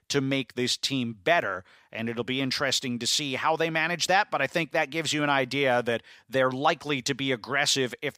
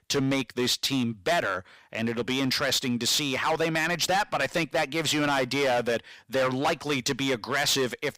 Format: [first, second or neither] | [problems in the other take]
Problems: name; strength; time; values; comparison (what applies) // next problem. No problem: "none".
first | distortion; heavy; 13% of the sound clipped